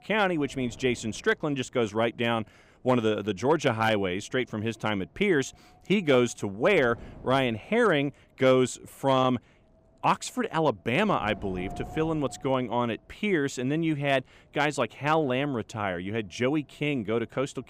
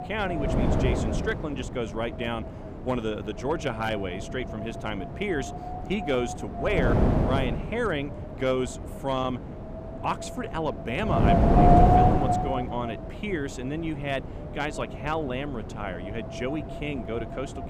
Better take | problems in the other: first | wind noise on the microphone; heavy; 3 dB above the speech; occasional gusts in the first

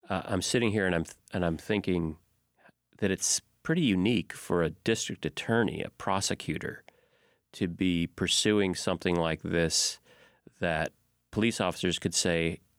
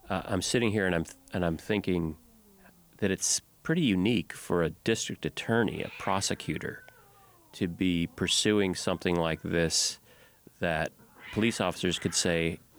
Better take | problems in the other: first | hiss; faint; throughout; 25 dB below the speech

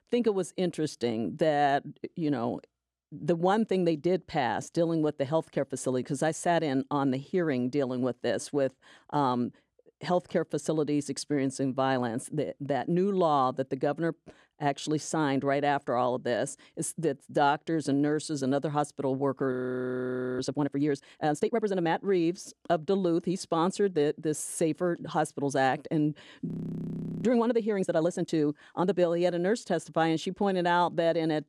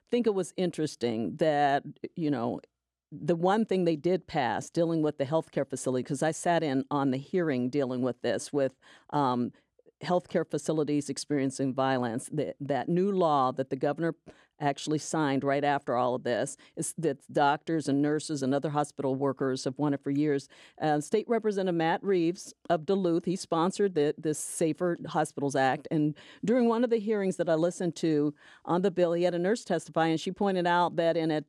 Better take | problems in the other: second | audio freezing; at 20 s for 1 s and at 26 s for 1 s

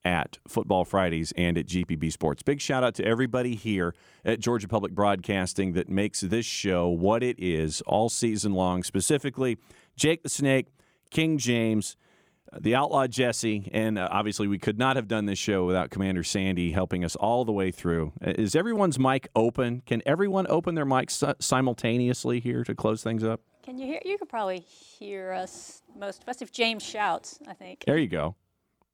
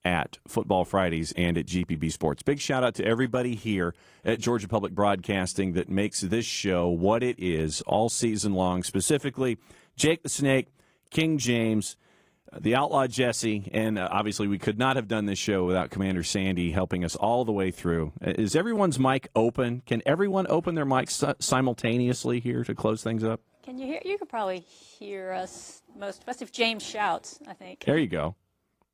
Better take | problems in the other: first | garbled, watery; slightly; nothing above 15 kHz

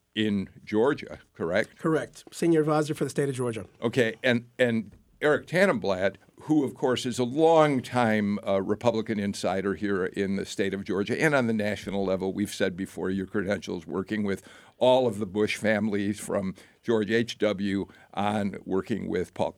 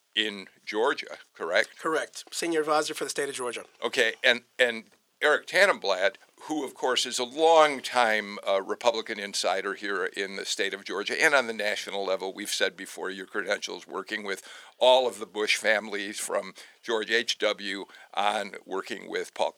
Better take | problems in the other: first | thin; very; fading below 600 Hz

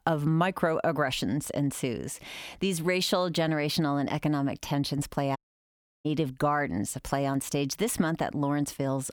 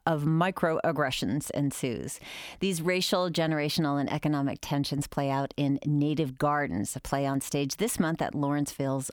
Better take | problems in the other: second | audio cutting out; at 5.5 s for 0.5 s

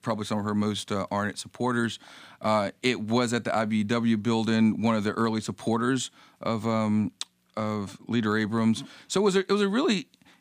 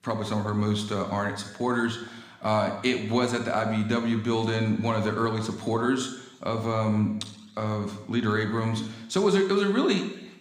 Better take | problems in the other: first | room echo; slight; dies away in 0.9 s

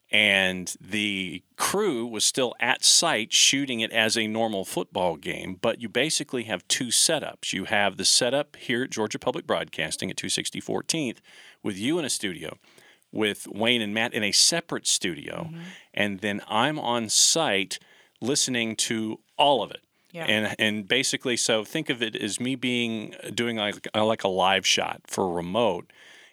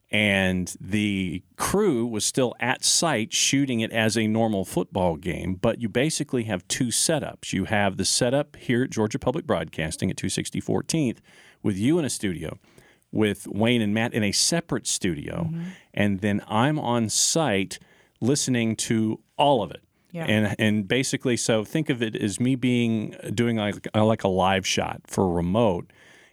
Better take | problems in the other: second | thin; very slightly; fading below 900 Hz

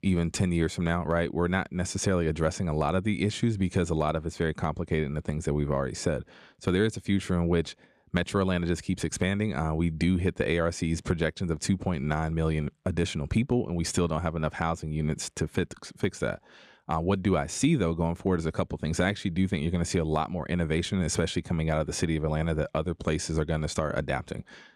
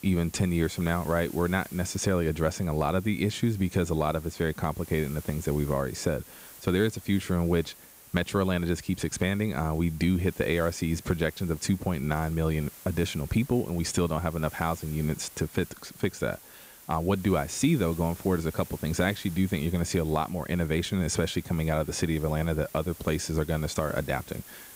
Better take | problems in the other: first | hiss; noticeable; throughout; 20 dB below the speech

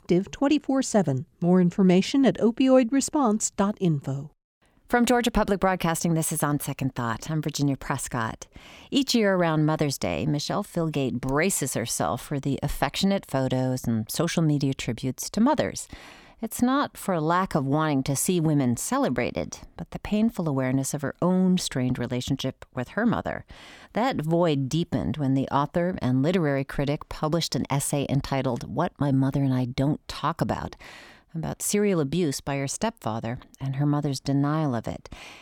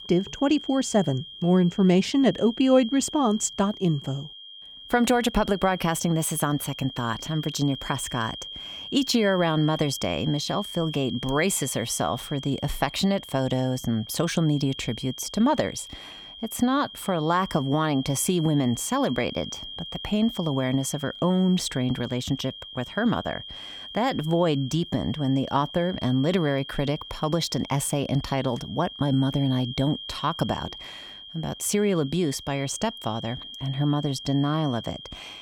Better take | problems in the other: first | high-pitched whine; noticeable; throughout; 3 kHz, 10 dB below the speech

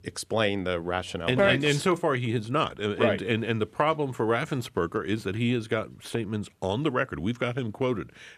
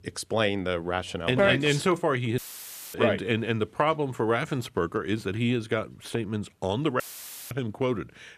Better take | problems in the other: first | audio cutting out; filled with static; at 2.5 s for 0.5 s and at 7 s for 0.5 s

